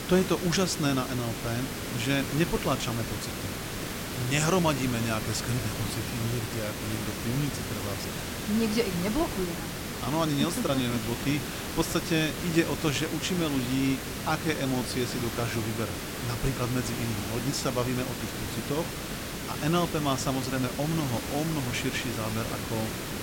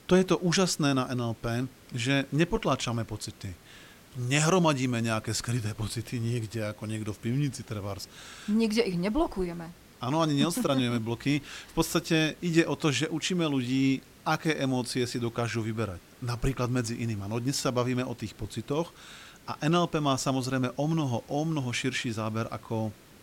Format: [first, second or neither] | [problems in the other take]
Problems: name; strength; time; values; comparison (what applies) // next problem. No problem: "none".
second | hiss; loud; throughout; 4 dB below the speech; faint in the second